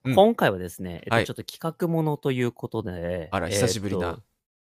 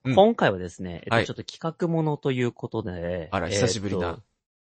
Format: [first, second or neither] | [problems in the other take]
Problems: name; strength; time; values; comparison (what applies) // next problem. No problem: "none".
first | garbled, watery; slightly; nothing above 8 kHz